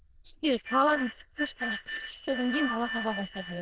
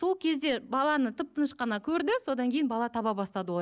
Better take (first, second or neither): second